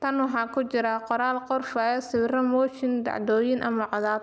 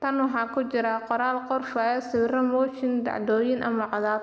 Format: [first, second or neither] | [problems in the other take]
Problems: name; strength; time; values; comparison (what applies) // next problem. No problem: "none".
first | room echo; dies away in 1.2 s